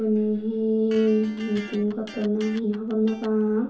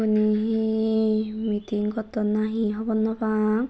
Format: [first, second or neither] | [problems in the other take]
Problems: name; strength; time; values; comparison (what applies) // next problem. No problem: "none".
second | background sound (Electric guitar); 20 dB below the speech // room echo; dies away in 0.7 s